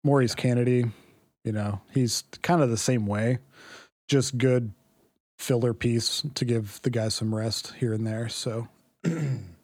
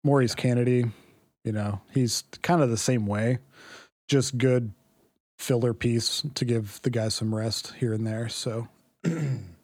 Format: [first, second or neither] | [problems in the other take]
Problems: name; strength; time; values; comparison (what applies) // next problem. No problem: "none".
neither | none